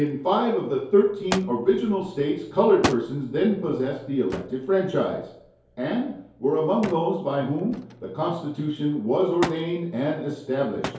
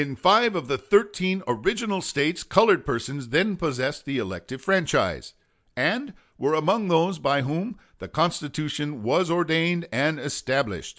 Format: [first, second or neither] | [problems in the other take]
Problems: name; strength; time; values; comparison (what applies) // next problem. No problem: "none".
second | background sound (Thump, thud); 13 dB below the speech // room echo; dies away in 2.4 s